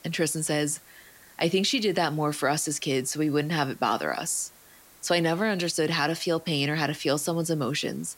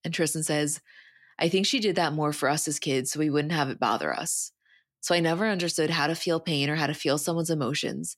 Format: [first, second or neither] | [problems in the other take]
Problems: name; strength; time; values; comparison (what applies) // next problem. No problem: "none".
second | hiss; faint; throughout; 25 dB below the speech